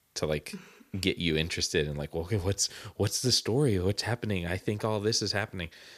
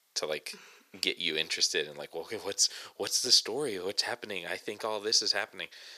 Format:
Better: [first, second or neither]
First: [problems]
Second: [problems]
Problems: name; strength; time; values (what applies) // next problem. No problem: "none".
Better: first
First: none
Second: thin; very; fading below 500 Hz